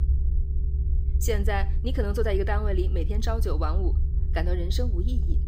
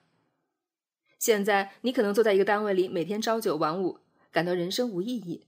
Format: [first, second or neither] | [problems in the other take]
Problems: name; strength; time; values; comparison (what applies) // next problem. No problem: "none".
second | low rumble; noticeable; throughout; 15 dB below the speech